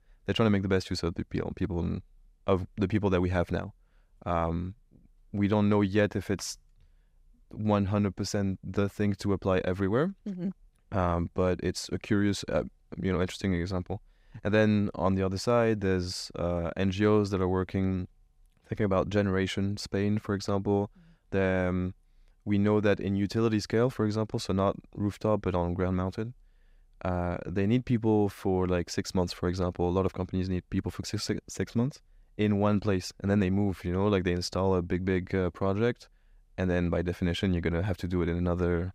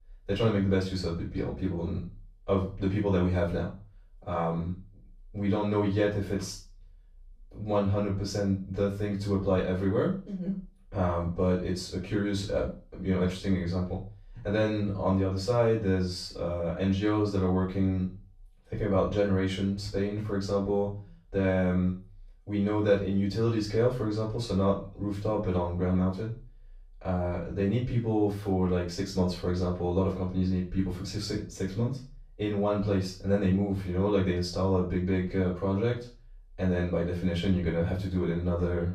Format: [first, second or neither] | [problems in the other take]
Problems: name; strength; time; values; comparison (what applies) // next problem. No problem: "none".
first | off-mic speech; far // room echo; noticeable; dies away in 0.3 s